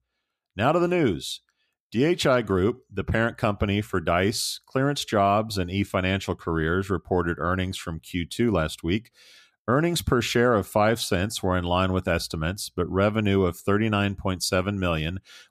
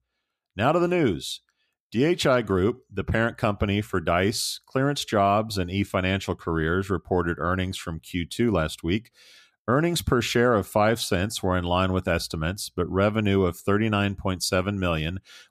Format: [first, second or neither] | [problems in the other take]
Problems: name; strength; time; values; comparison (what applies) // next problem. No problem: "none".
neither | none